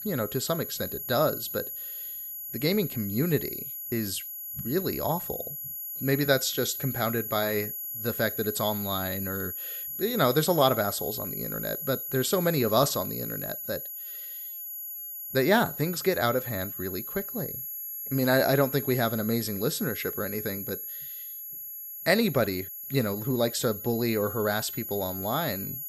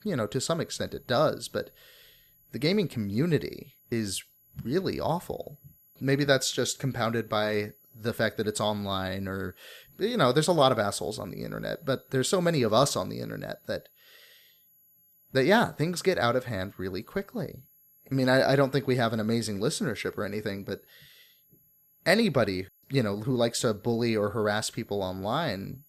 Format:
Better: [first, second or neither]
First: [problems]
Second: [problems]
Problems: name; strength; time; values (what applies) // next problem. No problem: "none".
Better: second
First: high-pitched whine; loud; throughout; 11.5 kHz, 6 dB below the speech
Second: high-pitched whine; faint; throughout; 11.5 kHz, 30 dB below the speech